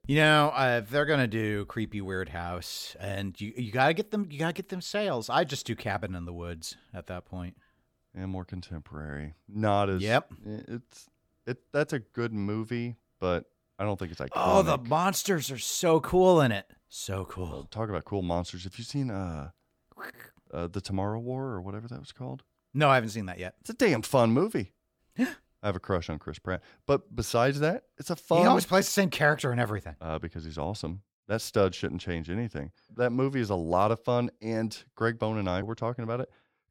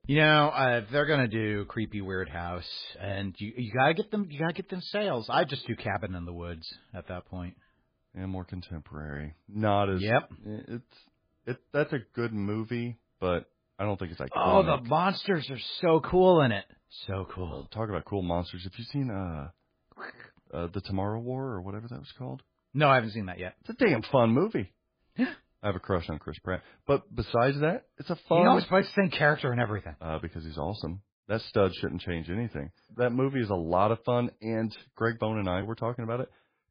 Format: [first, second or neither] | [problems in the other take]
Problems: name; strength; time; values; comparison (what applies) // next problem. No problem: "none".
first | garbled, watery; badly